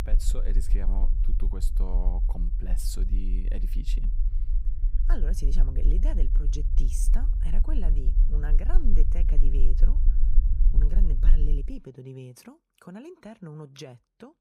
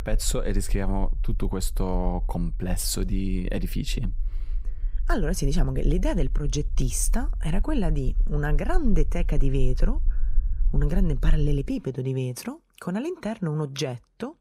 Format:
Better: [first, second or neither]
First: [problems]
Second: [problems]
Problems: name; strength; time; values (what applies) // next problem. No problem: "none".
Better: second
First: low rumble; loud; until 12 s; 7 dB below the speech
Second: low rumble; faint; until 12 s; 25 dB below the speech